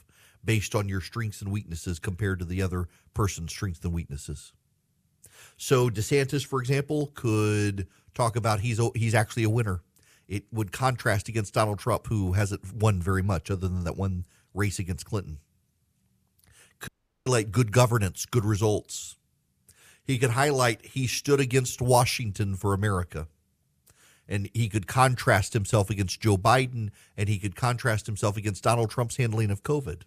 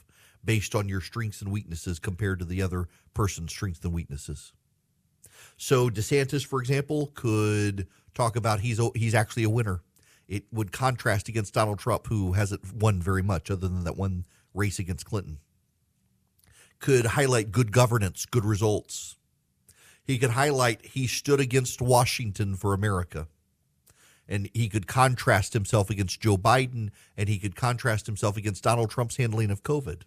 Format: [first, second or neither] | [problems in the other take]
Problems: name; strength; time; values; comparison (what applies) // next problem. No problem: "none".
second | audio cutting out; at 17 s